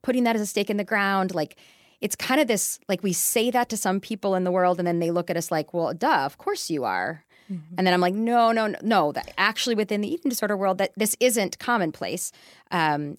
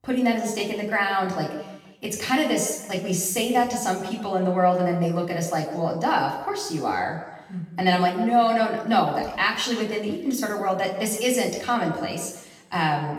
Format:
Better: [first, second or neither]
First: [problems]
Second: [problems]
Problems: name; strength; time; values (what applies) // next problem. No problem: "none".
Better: first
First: none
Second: room echo; noticeable; dies away in 1 s // off-mic speech; far